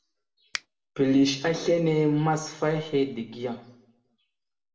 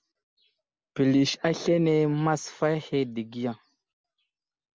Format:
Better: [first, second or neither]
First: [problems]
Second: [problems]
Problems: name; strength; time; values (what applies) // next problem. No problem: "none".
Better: second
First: background sound (Finger snapping); 10 dB below the speech // room echo; dies away in 0.6 s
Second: none